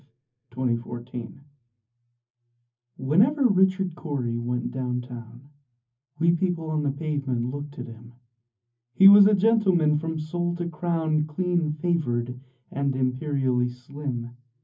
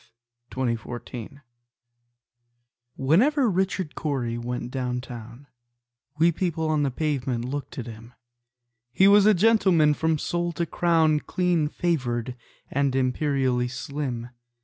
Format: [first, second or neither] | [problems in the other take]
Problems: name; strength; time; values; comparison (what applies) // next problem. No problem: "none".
second | room echo; dies away in 0.3 s